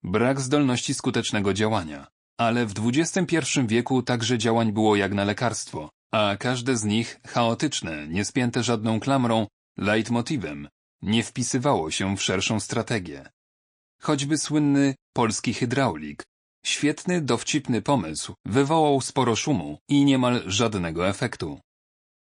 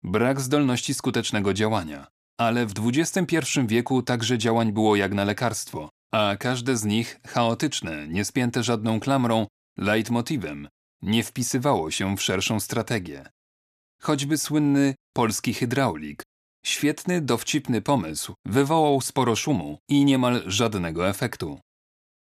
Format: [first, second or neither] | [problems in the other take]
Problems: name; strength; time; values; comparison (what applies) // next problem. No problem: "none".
second | garbled, watery; slightly